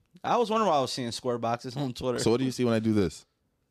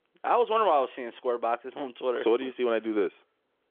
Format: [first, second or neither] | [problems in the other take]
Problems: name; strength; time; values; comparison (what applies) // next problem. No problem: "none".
first | phone-call audio; nothing above 3.5 kHz